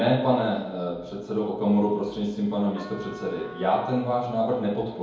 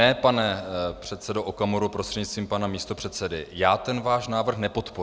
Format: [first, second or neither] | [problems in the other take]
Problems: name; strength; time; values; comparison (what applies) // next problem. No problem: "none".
second | background sound (Trumpet); 19 dB below the speech // room echo; dies away in 1.8 s